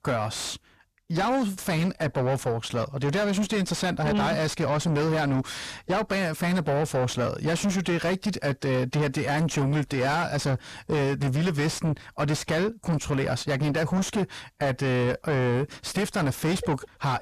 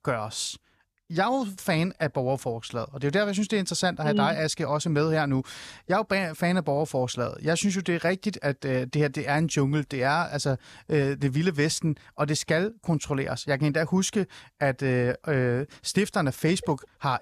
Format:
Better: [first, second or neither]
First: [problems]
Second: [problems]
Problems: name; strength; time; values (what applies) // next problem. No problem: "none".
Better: second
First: distortion; heavy; 6 dB below the speech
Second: none